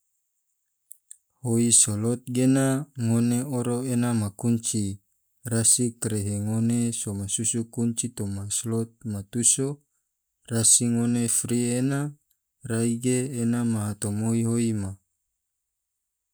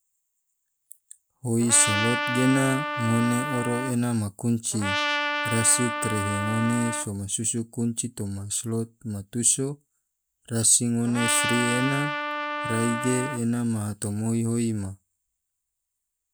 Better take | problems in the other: first | background sound (Trumpet); 3 dB below the speech

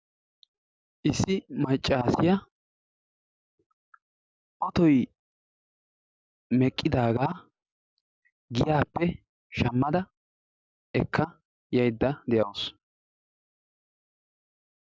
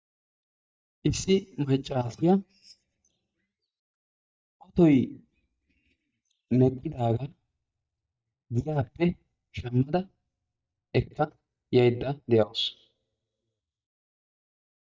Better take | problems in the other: first | noise reduction (neural mask model DeepFilterNet 3)

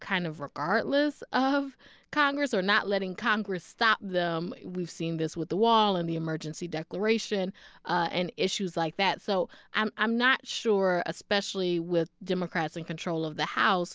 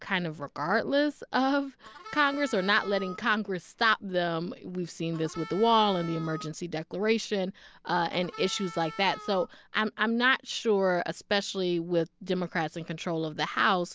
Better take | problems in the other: first | background sound (Harmonica); 15 dB below the speech

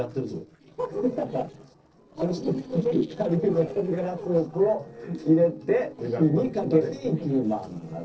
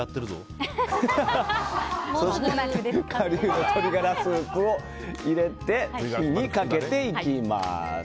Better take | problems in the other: second | noise reduction (neural separator model SepFormer DNS4)

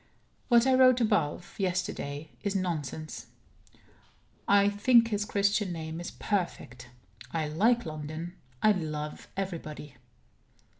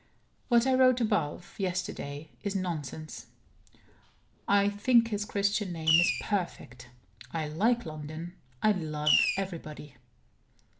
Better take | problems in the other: first | background sound (Fireworks); 3 dB above the speech

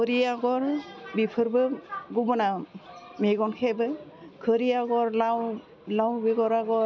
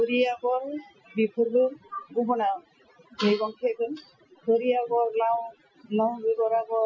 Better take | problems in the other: first | noise reduction (classical method Wiener filter)

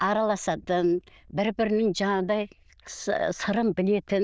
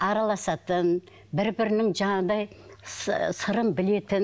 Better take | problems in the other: second | noise reduction (neural diffusion model UNIVERSE++)

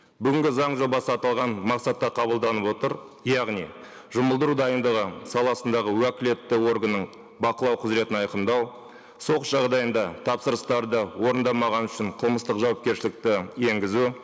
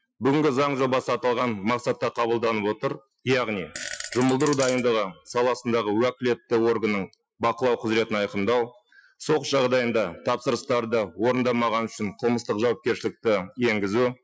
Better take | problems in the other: first | noise reduction (classical method Wiener filter)

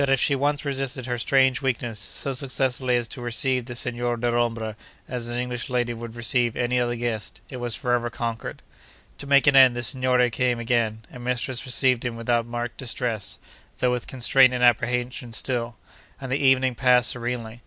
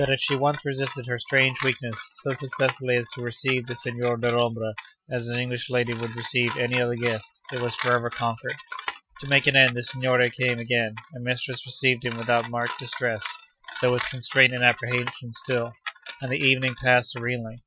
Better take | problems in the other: first | noise reduction (classical method Wiener filter)

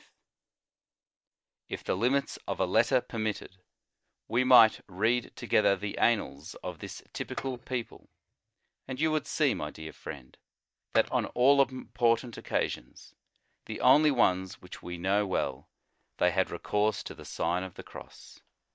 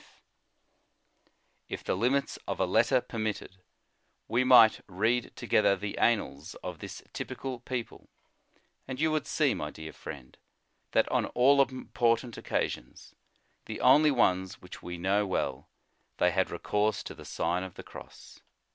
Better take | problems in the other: second | noise reduction (neural mask model DeepFilterNet 3)

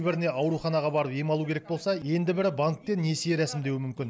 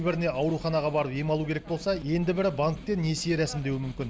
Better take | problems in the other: first | background sound (Snare drum + Accelerating, revving, vroom); 16 dB below the speech

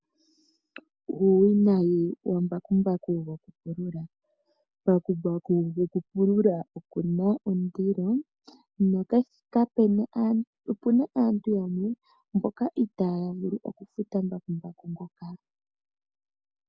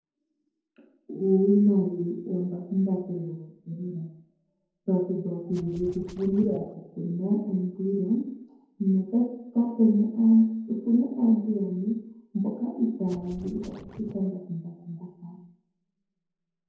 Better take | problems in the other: first | noise reduction (neural separator model SepFormer DNS4)

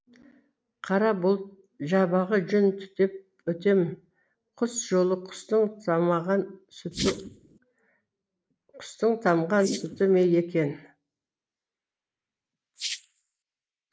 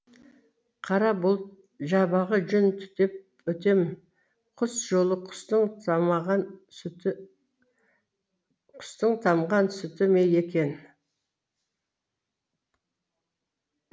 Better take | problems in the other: second | noise reduction (neural mask model Resemble Enhance denoiser)

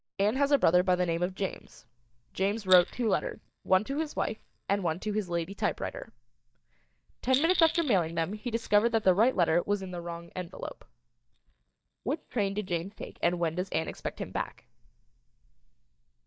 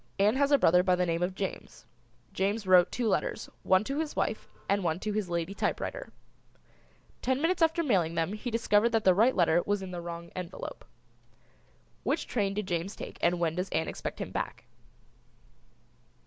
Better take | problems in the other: second | noise reduction (neural mask model DeepFilterNet 3)

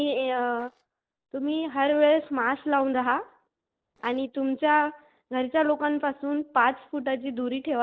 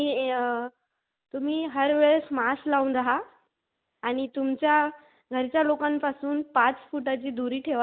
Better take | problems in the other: second | noise reduction (neural separator model SepFormer DNS4)

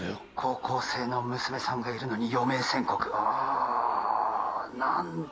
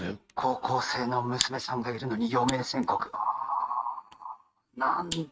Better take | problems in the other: first | noise reduction (neural mask model RNNoise)

